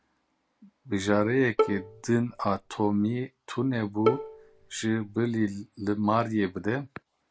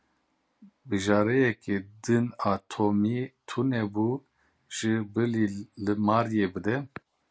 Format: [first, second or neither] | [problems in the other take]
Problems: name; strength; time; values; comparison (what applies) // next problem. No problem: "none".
second | background sound (Bowed string instrument); 4 dB below the speech